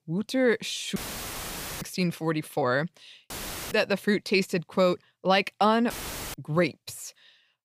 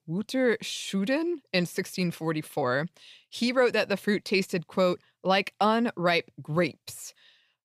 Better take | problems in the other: second | audio cutting out; filled with static; at 1 s for 1 s, at 3.5 s and at 6 s

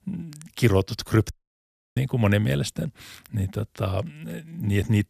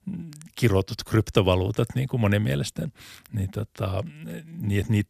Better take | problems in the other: second | audio cutting out; at 1.5 s for 0.5 s

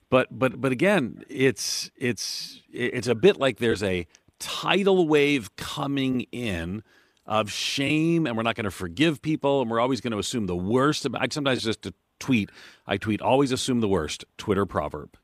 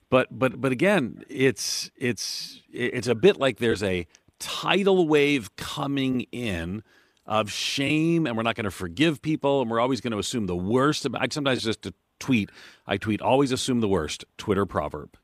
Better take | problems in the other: neither | none

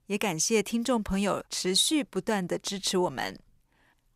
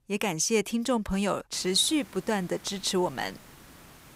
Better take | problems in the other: first | hiss; faint; from 1.5 s on; 25 dB below the speech

